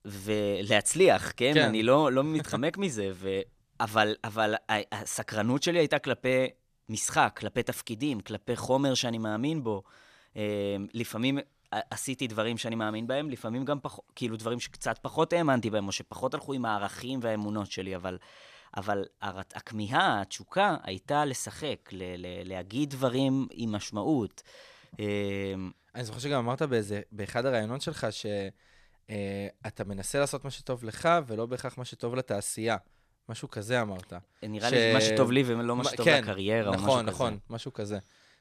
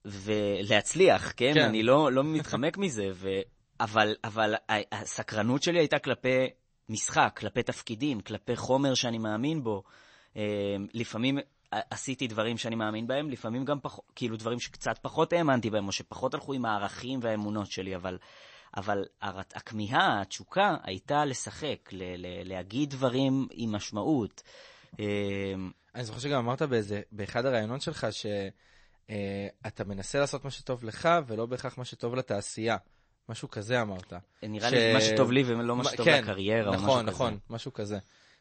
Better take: first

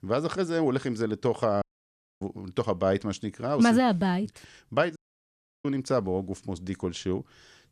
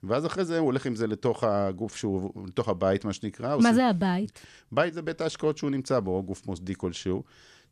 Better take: second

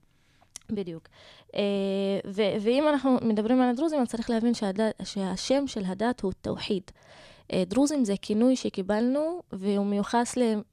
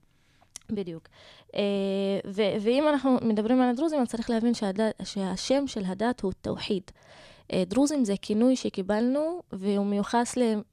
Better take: neither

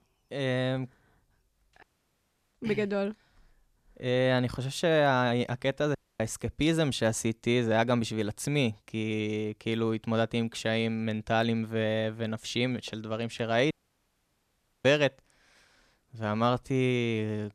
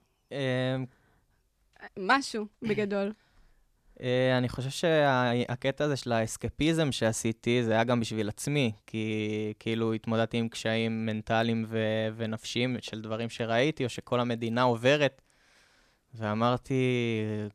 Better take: second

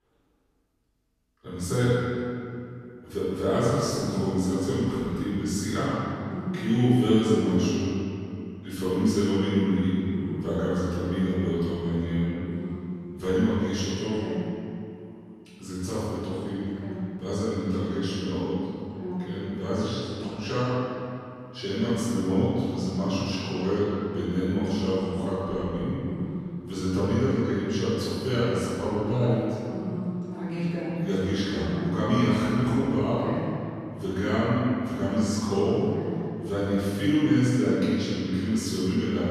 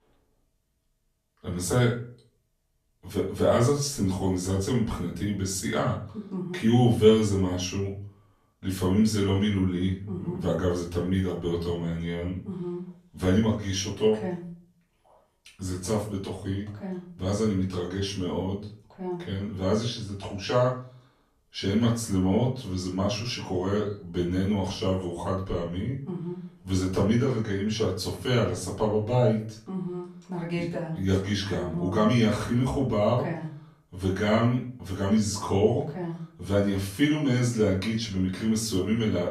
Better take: second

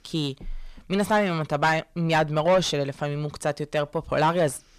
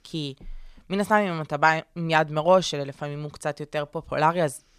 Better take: second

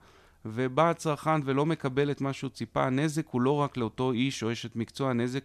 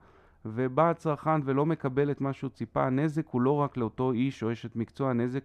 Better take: first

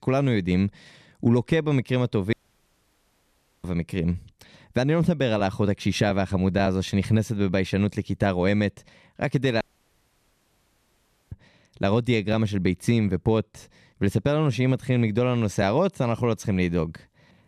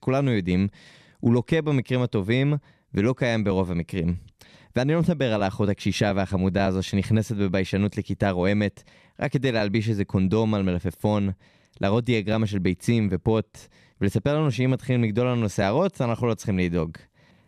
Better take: second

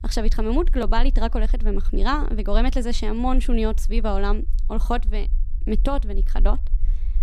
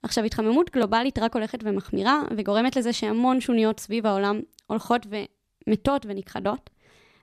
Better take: second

